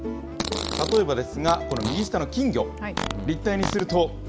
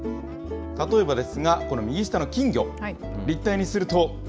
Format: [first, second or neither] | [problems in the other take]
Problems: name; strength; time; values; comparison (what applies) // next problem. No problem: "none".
second | background sound (Fart); 8 dB below the speech